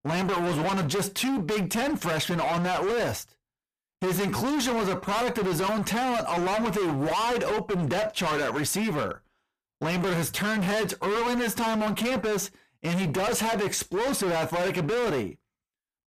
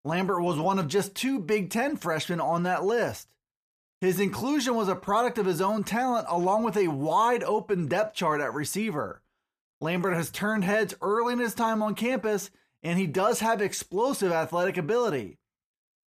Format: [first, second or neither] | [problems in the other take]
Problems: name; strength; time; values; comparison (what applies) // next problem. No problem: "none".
second | distortion; heavy; 39% of the sound clipped